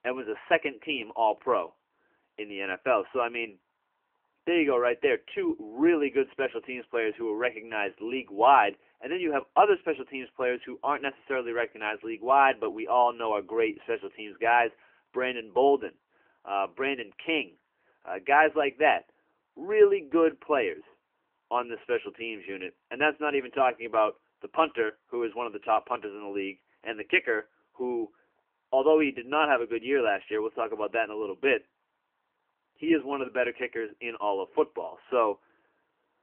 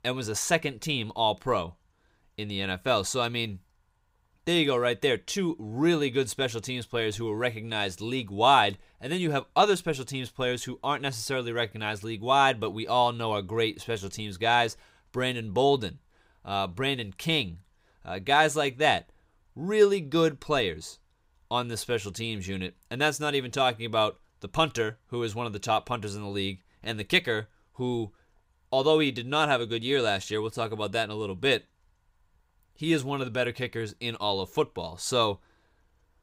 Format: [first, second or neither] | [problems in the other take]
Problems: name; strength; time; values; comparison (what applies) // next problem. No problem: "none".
second | phone-call audio; nothing above 3 kHz